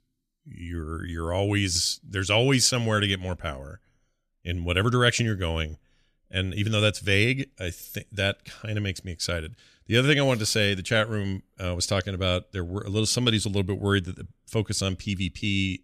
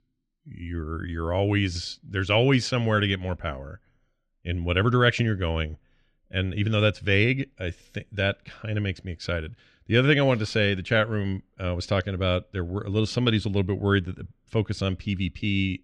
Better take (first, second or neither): first